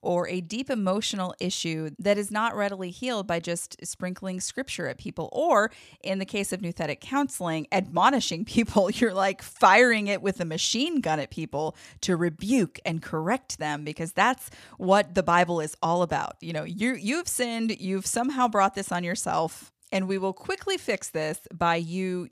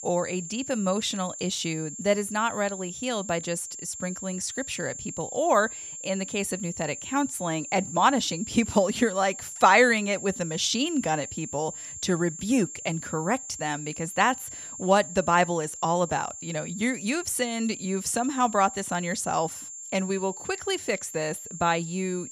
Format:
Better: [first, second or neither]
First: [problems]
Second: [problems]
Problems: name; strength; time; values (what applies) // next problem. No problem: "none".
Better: first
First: none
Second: high-pitched whine; loud; throughout; 7.5 kHz, 10 dB below the speech